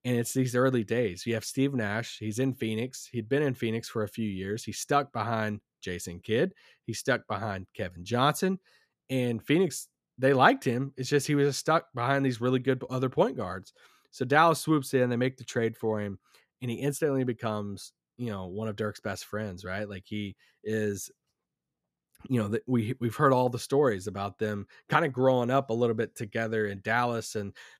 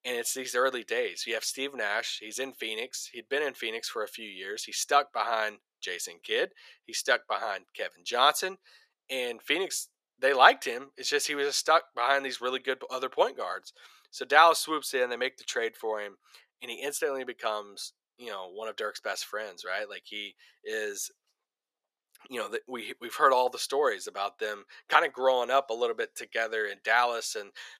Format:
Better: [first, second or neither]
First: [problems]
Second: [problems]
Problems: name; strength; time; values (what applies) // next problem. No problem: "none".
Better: first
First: none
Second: thin; very; fading below 550 Hz